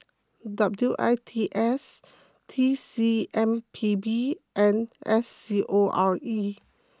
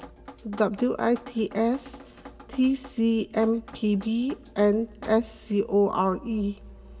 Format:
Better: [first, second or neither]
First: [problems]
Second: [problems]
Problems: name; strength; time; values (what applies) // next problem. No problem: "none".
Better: first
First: none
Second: background sound (Drip); 19 dB below the speech // room echo; dies away in 1.2 s